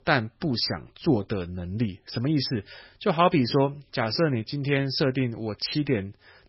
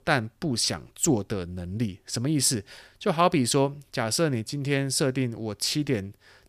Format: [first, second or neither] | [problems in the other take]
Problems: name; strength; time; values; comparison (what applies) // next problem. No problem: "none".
second | garbled, watery; badly; nothing above 5.5 kHz